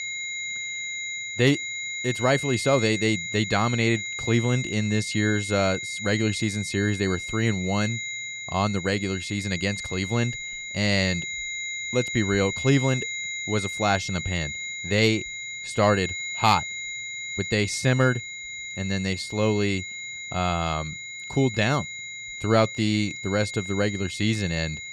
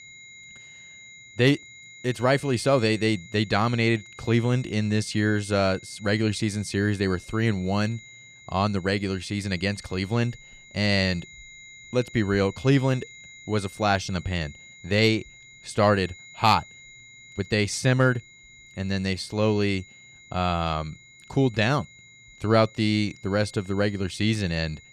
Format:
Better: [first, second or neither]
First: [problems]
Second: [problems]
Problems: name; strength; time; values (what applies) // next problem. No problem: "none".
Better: second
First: high-pitched whine; loud; throughout; 2 kHz, 6 dB below the speech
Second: high-pitched whine; faint; throughout; 2 kHz, 20 dB below the speech